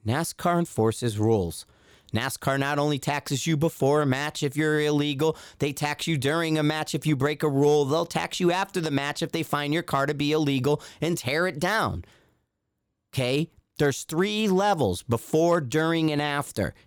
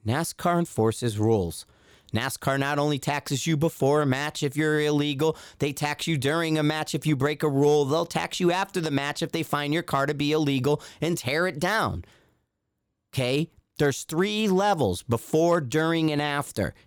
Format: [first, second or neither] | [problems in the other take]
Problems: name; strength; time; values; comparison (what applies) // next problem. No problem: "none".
neither | none